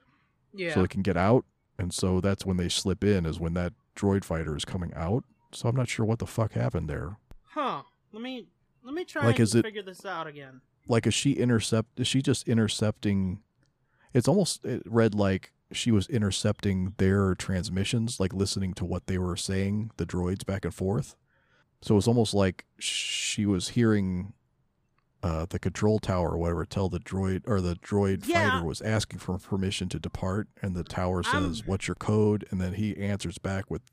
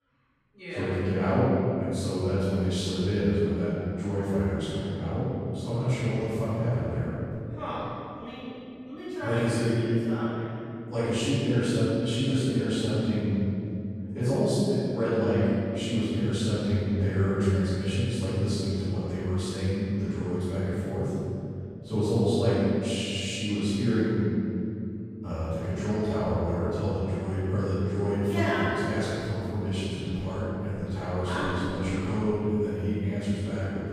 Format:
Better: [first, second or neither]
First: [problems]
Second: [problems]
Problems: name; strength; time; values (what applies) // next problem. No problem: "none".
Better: first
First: none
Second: off-mic speech; far // room echo; strong; dies away in 2.8 s